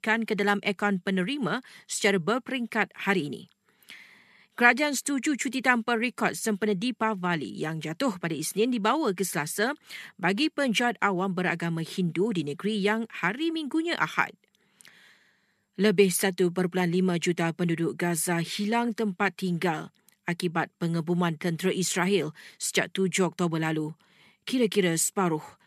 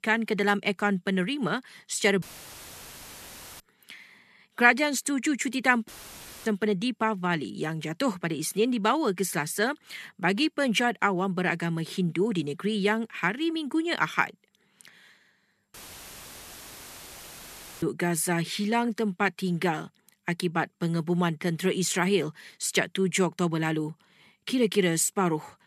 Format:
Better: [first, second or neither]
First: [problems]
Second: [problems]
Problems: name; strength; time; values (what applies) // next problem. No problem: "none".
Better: first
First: none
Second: audio cutting out; filled with static; at 2 s for 1.5 s, at 6 s for 0.5 s and at 16 s for 2 s